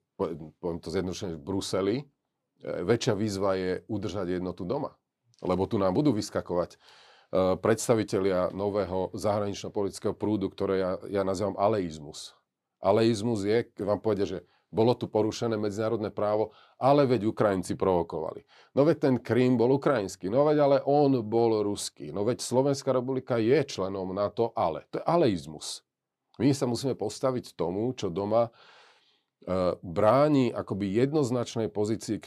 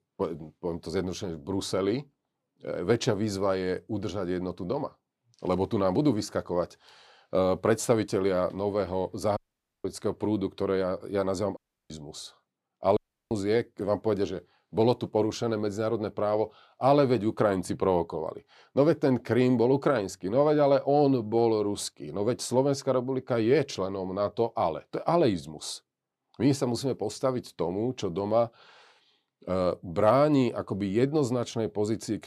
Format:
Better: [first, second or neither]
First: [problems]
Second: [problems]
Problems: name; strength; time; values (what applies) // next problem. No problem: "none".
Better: first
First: none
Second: audio cutting out; at 9.5 s, at 12 s and at 13 s